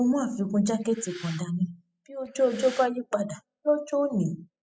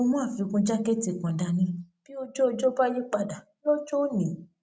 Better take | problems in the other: second | noise reduction (classical method spectral subtraction)

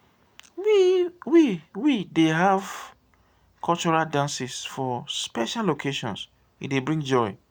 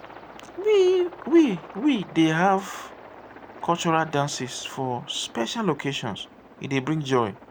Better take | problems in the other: first | background sound (Aircraft); 20 dB below the speech

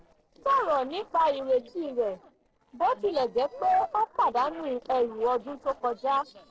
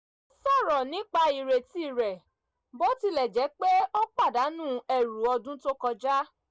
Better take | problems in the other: second | noise reduction (neural separator model SepFormer DNS4)

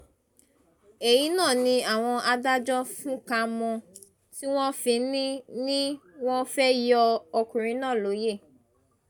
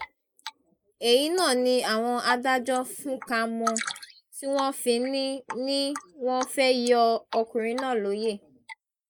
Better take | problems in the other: first | noise reduction (neural mask model Resemble Enhance denoiser)

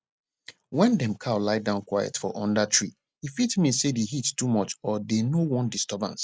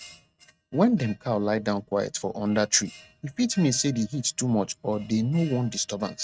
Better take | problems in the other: first | noise reduction (neural mask model RNNoise)

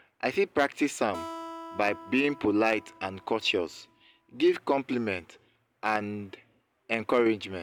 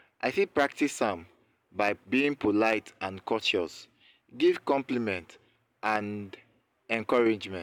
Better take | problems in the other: second | background sound (Acoustic guitar); 16 dB below the speech

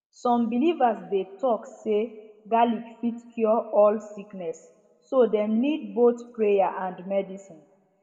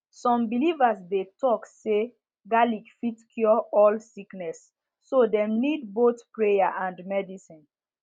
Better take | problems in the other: second | room echo; dies away in 1 s

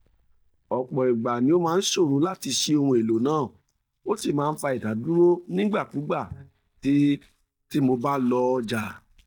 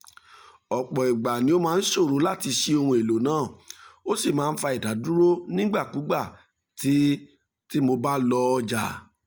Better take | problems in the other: second | noise reduction (neural mask model DeepFilterNet 3)

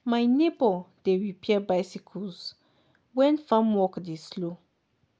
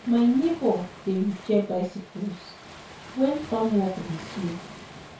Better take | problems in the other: first | background sound (Waves, surf); 16 dB below the speech // room echo; dies away in 0.2 s

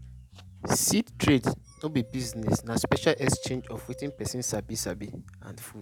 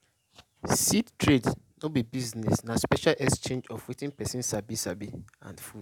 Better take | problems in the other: second | background sound (Bass guitar + Glass); 17 dB below the speech

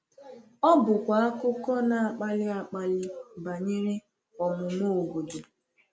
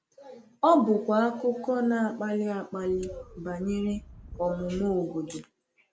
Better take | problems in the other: first | background sound (Wind); 18 dB below the speech

